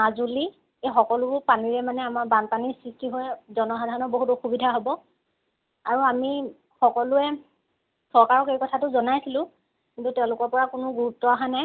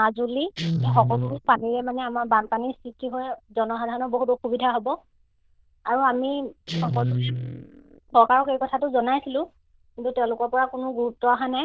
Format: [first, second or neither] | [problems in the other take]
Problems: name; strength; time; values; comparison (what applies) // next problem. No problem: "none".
first | noise reduction (neural diffusion model UNIVERSE++)